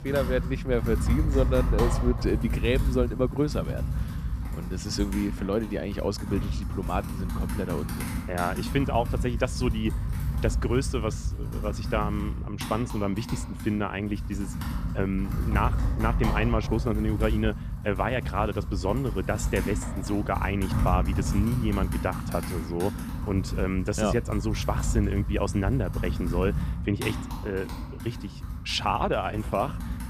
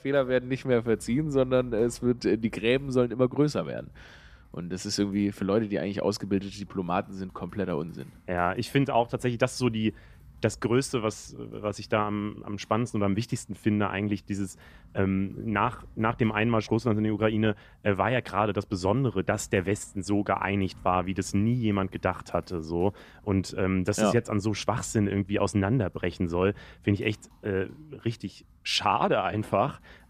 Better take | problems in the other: second | household noises; loud; throughout; 2 dB below the speech; faint in the second

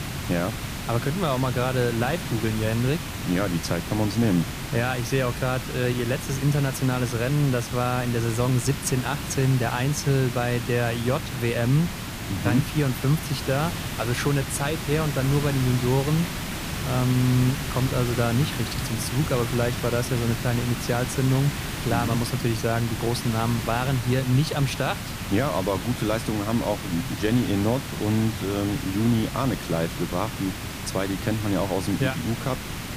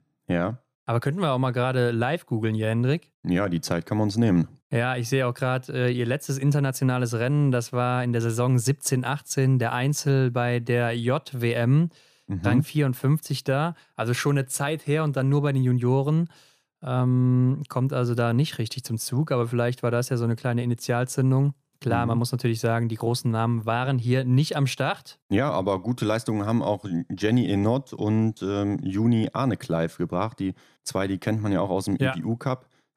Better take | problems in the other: second | hiss; loud; throughout; 6 dB below the speech

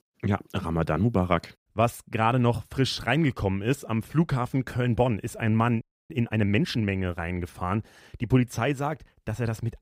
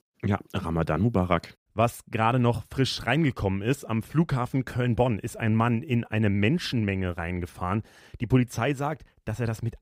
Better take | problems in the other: second | audio freezing; at 6 s

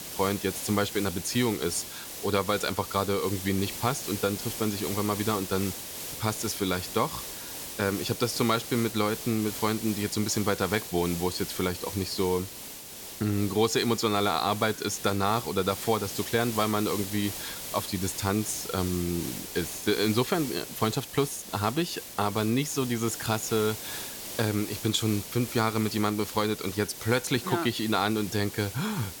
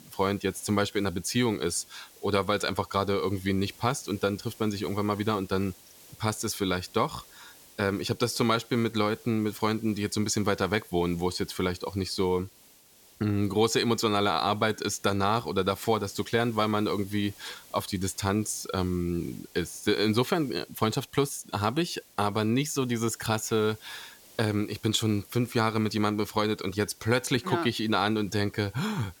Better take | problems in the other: second | hiss; loud; throughout; 8 dB below the speech; faint in the second

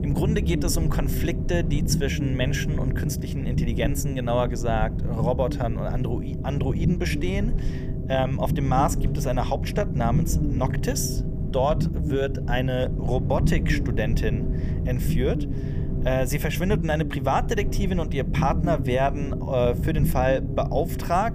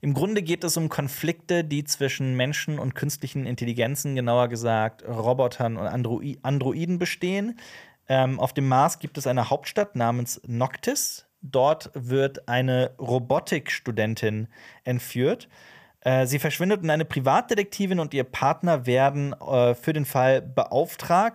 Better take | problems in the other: second | low rumble; loud; throughout; 9 dB below the speech

